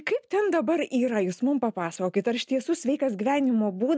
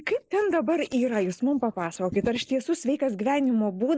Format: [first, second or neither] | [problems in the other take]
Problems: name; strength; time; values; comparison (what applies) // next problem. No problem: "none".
first | noise reduction (neural mask model Resemble Enhance denoiser)